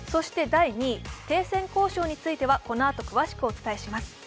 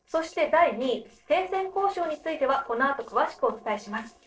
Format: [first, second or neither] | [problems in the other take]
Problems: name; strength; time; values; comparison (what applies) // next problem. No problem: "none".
first | noise reduction (neural separator model SepFormer DNS4)